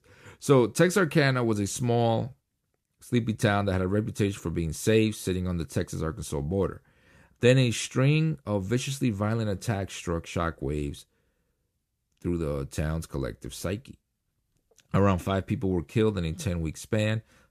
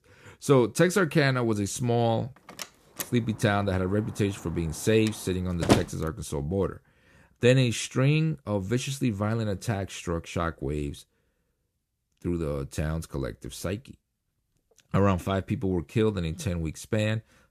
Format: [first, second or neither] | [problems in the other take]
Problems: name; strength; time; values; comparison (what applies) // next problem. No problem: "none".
first | door banging; loud; from 2.5 to 6 s; peak 3 dB above the speech